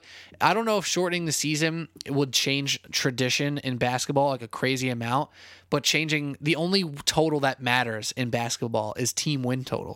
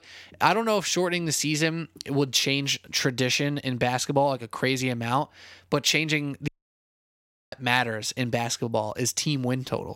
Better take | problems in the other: first | audio cutting out; at 6.5 s for 1 s

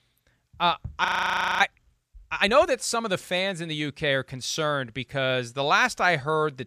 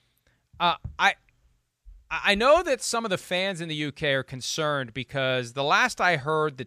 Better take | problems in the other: second | audio freezing; at 1 s for 0.5 s

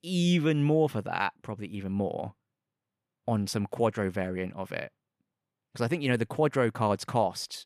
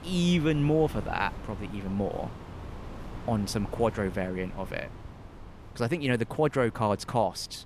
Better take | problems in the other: first | wind noise on the microphone; occasional gusts; 15 dB below the speech

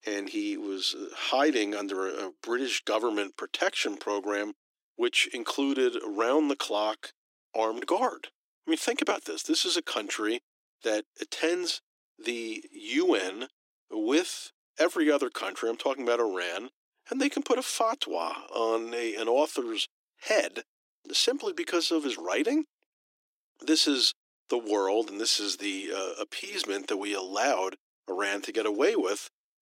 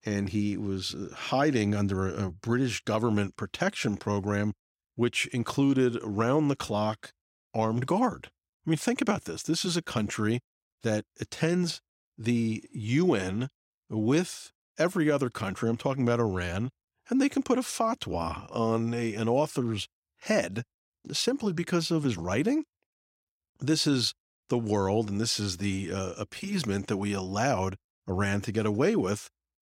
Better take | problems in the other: second | thin; somewhat; fading below 300 Hz

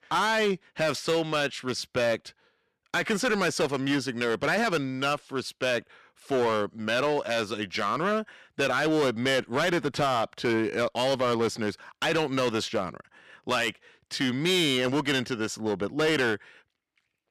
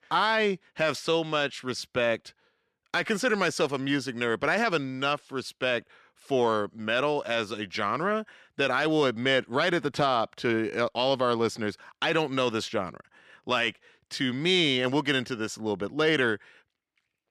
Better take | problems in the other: second | distortion; slight; 10% of the sound clipped

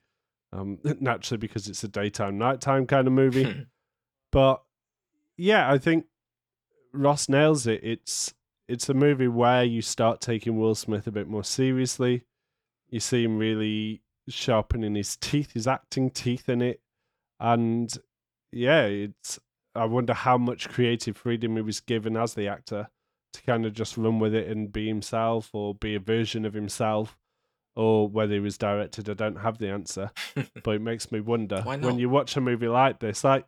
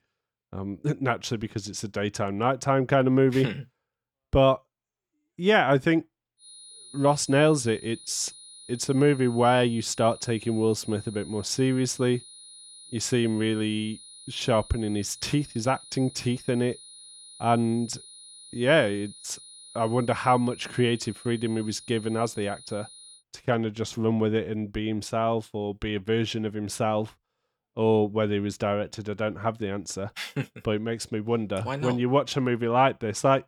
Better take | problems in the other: first | high-pitched whine; noticeable; from 6.5 to 23 s; 9.5 kHz, 20 dB below the speech

